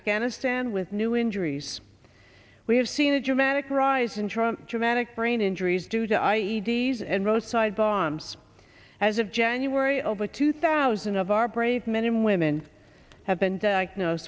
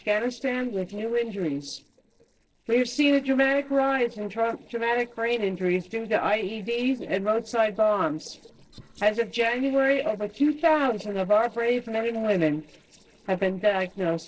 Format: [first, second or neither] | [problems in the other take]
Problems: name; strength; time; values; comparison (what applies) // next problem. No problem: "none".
first | noise reduction (neural separator model SepFormer DNS4)